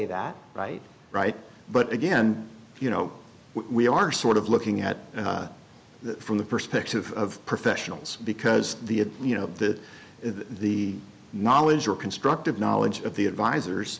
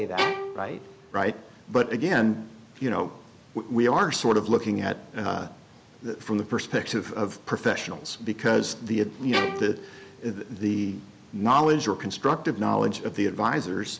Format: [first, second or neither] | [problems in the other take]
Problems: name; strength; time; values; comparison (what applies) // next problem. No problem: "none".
first | background sound (Bowed string instrument); 6 dB below the speech